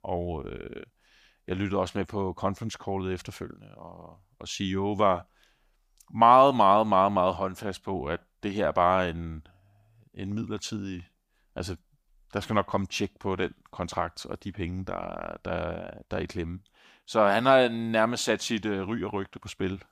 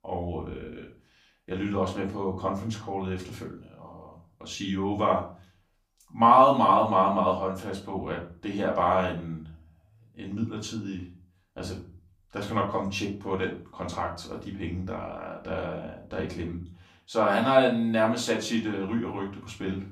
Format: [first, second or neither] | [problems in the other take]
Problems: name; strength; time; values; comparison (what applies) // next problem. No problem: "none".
first | off-mic speech; far // room echo; slight; dies away in 0.3 s